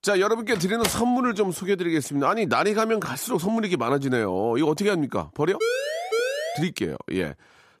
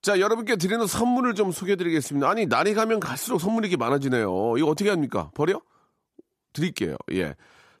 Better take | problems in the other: second | door banging; noticeable; at 0.5 s; peak 5 dB below the speech // siren; noticeable; from 5.5 to 6.5 s; peak 1 dB below the speech

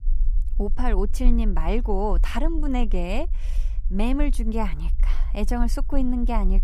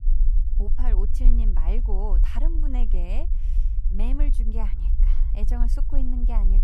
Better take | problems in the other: first | low rumble; loud; throughout; 9 dB below the speech; faint in the first

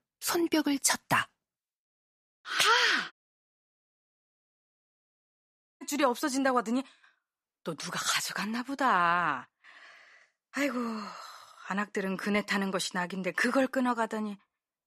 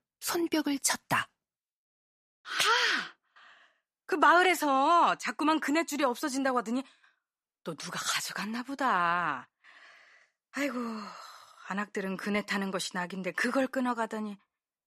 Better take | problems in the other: second | audio cutting out; at 3 s for 2.5 s

